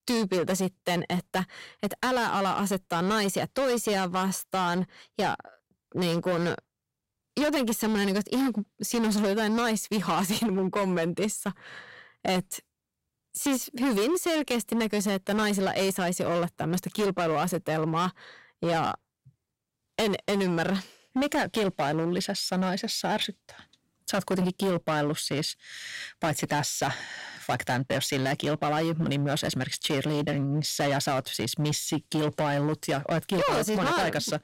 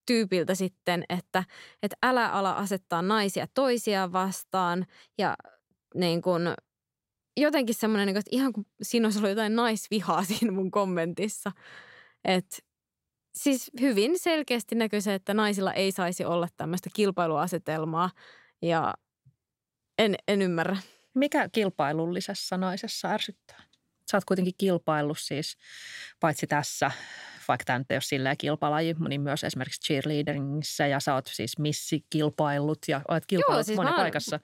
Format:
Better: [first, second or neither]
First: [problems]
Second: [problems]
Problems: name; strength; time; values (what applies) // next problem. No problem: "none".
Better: second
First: distortion; heavy; 16% of the sound clipped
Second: none